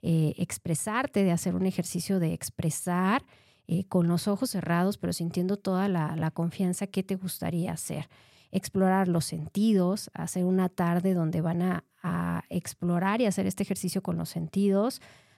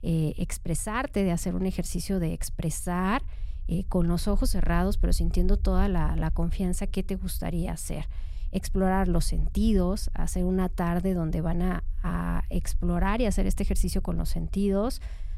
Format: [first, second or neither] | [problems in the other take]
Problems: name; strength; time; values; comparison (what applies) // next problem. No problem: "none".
first | low rumble; faint; throughout; 25 dB below the speech